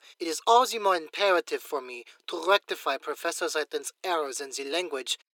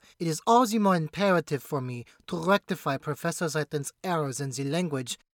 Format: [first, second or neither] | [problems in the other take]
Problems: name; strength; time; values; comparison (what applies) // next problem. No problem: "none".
second | thin; very; fading below 350 Hz